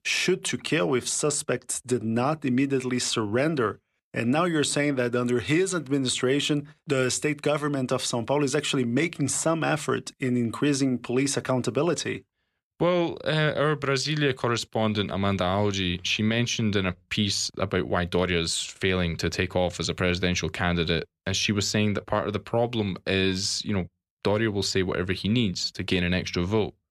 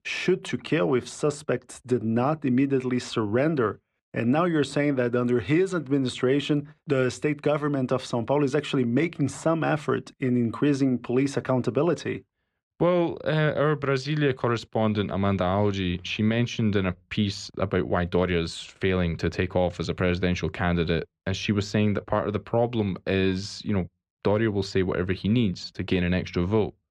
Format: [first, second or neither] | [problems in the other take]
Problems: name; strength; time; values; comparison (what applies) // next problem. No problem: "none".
first | muffled; slightly; fading above 1.5 kHz